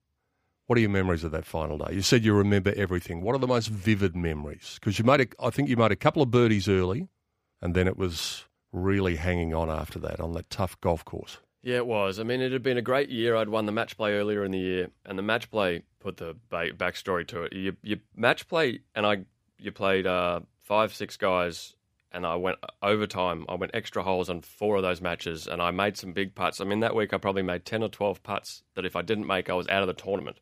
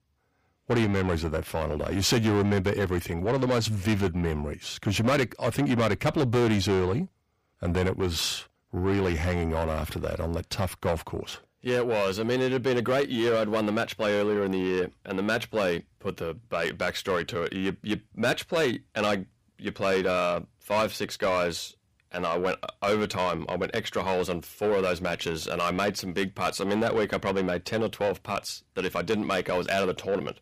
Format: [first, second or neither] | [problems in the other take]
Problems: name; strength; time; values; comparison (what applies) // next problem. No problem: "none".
first | distortion; heavy; 7 dB below the speech